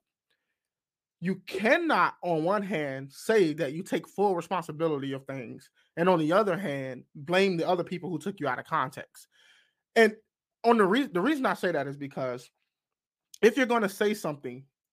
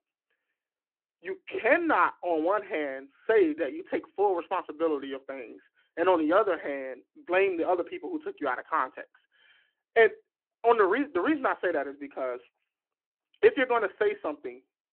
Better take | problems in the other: first | phone-call audio

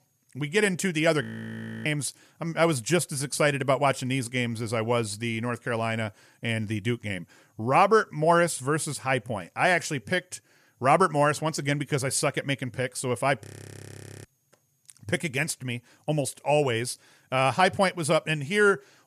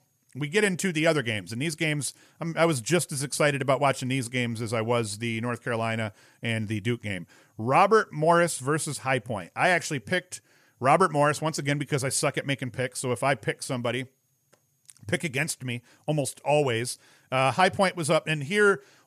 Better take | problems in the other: second | audio freezing; at 1 s for 0.5 s and at 13 s for 1 s

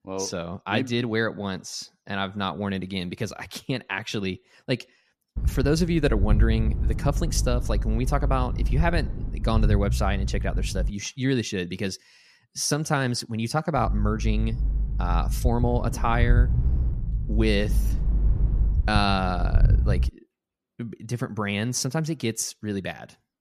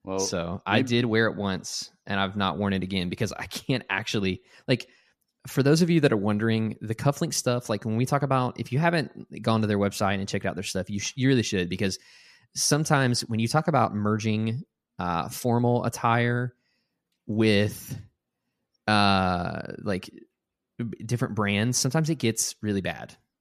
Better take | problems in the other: second | low rumble; noticeable; from 5.5 to 11 s and from 14 to 20 s; 15 dB below the speech

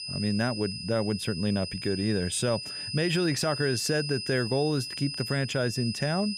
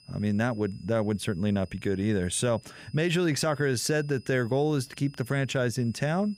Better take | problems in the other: second | high-pitched whine; loud; throughout; 5 kHz, 6 dB below the speech; faint in the second

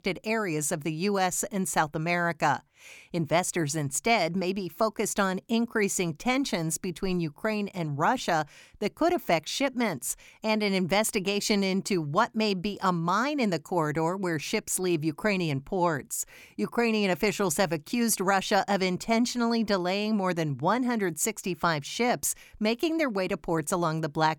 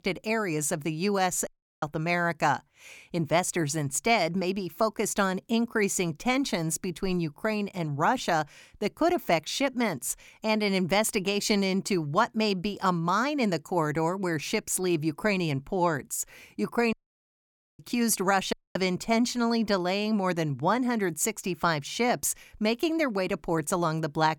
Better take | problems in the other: first | audio cutting out; at 1.5 s, at 17 s for 1 s and at 19 s

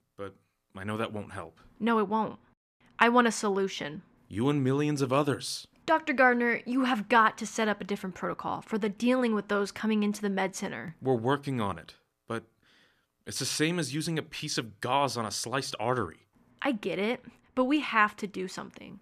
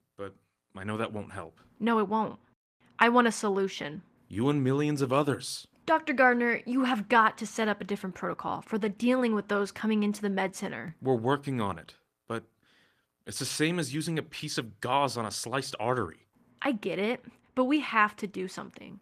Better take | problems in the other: first | garbled, watery; slightly; nothing above 14.5 kHz

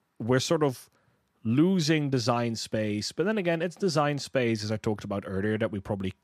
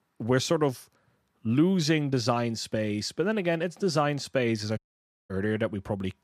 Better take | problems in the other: first | audio cutting out; at 5 s for 0.5 s

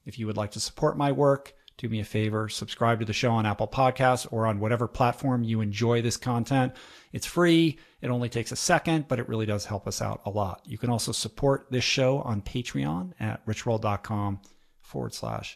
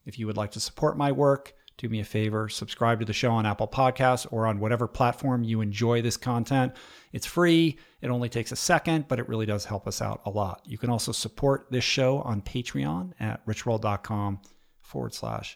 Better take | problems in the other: second | garbled, watery; slightly; nothing above 13 kHz

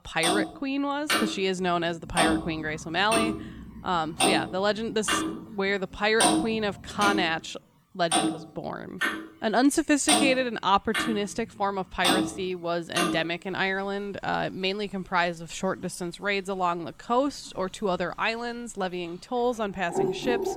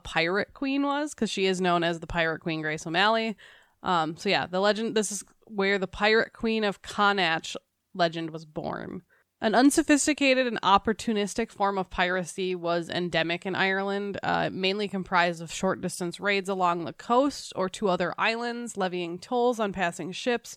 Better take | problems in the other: second | household noises; very loud; throughout; as loud as the speech

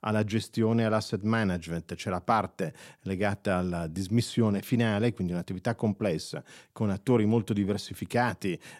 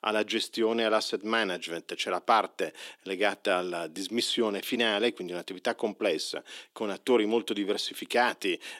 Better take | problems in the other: first | thin; somewhat; fading below 300 Hz

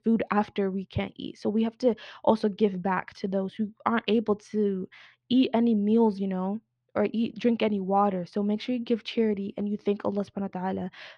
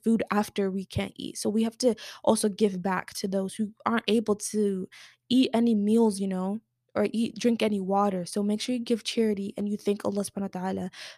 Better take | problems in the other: second | muffled; slightly; fading above 3.5 kHz

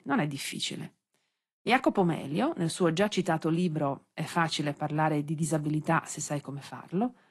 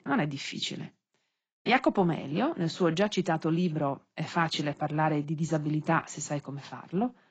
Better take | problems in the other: first | garbled, watery; badly; nothing above 7.5 kHz; slightly in the first

